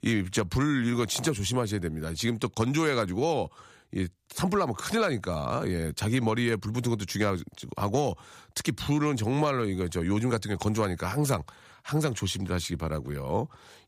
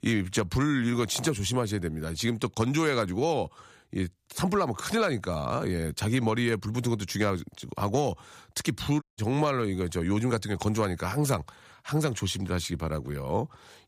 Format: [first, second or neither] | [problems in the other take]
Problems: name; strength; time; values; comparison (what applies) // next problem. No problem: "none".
first | audio cutting out; at 9 s